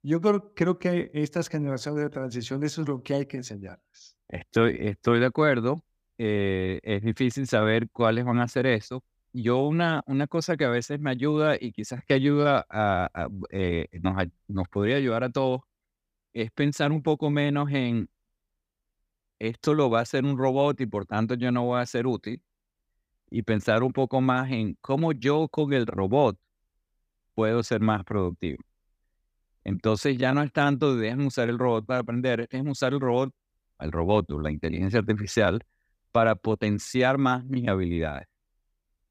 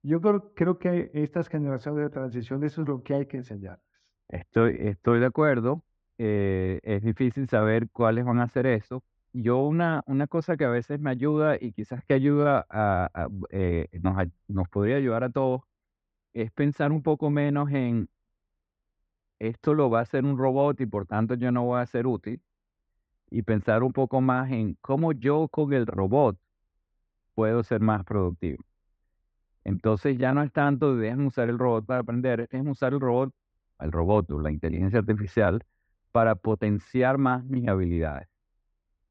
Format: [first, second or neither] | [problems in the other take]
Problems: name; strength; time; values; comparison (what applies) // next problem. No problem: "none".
first | muffled; very; fading above 1.5 kHz